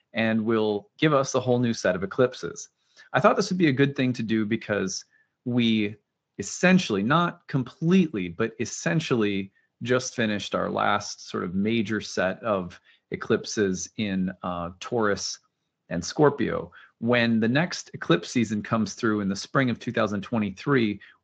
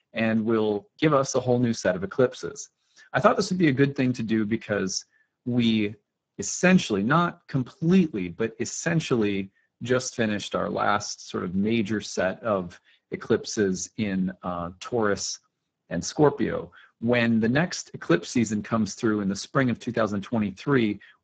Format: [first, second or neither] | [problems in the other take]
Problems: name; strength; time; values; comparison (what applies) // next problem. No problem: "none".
first | garbled, watery; badly; nothing above 7.5 kHz; slightly in the first